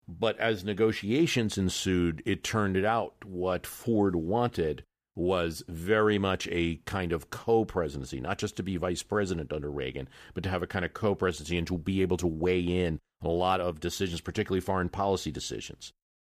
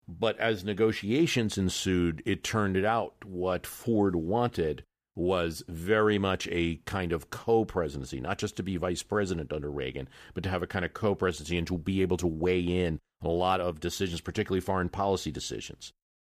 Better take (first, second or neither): neither